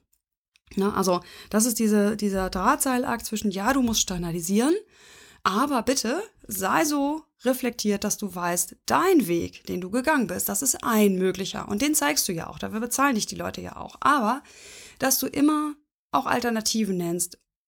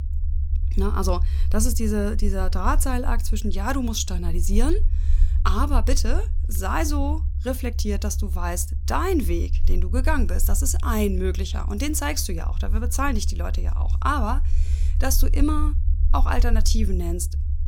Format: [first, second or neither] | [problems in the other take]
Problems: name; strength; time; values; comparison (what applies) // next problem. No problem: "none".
first | low rumble; noticeable; throughout; 15 dB below the speech